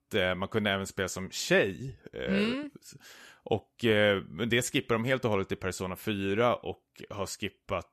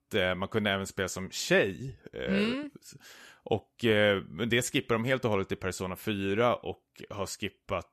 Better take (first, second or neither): neither